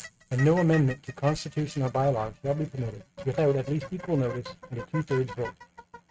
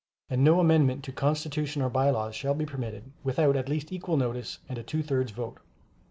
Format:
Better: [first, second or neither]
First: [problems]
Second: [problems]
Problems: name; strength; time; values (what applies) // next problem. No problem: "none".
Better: second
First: noise reduction (neural mask model RNNoise)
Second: none